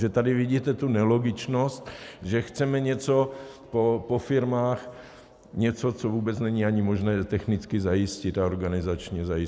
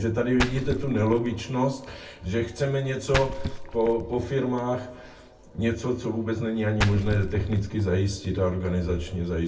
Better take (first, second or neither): first